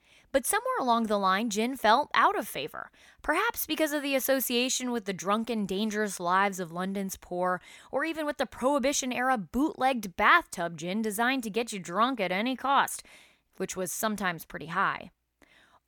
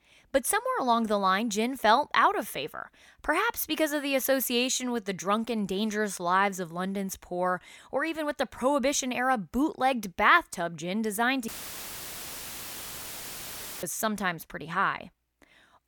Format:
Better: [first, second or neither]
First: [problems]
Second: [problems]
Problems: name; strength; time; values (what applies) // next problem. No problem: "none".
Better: first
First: none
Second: audio cutting out; filled with static; at 11 s for 2.5 s